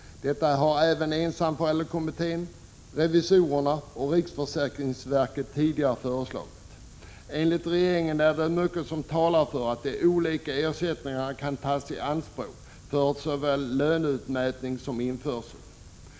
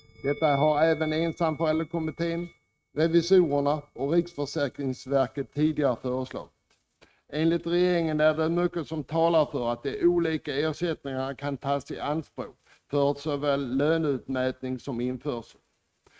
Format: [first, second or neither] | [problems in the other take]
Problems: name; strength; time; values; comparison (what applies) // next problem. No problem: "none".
first | noise reduction (neural mask model RNNoise)